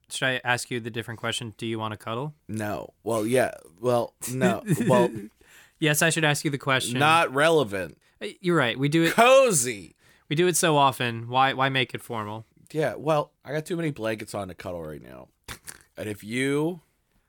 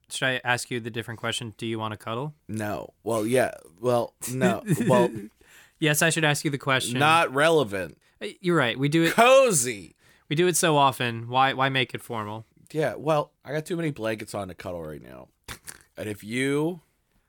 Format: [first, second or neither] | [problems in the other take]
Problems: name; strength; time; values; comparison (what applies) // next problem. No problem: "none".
neither | none